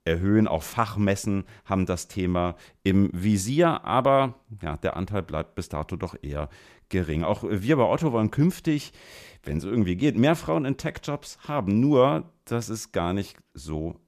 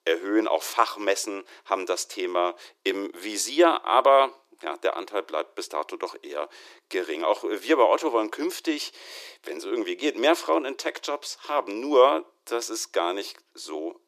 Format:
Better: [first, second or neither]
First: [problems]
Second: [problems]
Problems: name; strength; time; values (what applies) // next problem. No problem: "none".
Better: first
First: none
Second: thin; very; fading below 350 Hz